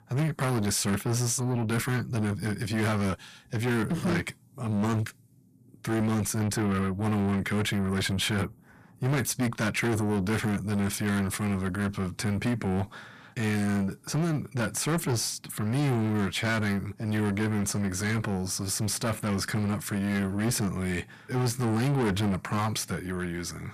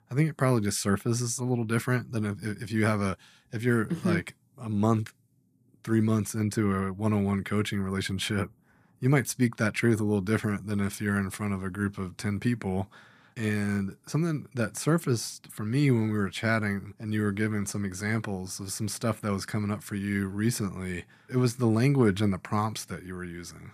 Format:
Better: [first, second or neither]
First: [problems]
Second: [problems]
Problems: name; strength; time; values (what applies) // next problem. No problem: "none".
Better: second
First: distortion; heavy; 6 dB below the speech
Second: none